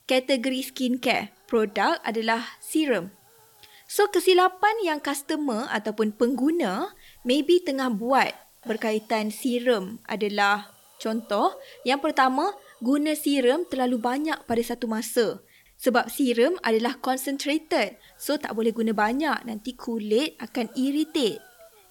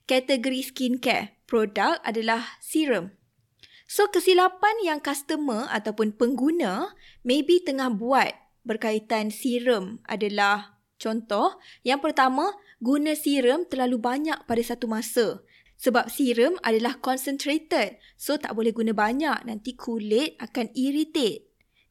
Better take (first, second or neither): second